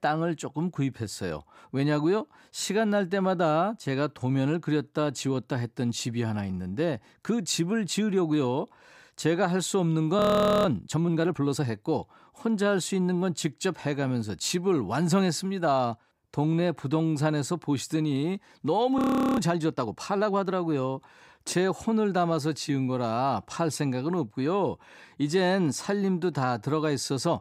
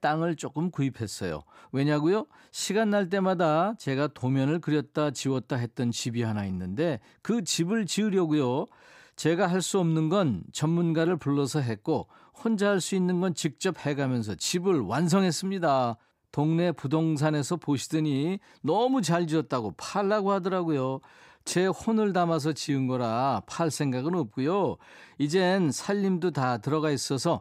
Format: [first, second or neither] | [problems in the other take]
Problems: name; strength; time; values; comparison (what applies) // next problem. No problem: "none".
second | audio freezing; at 10 s and at 19 s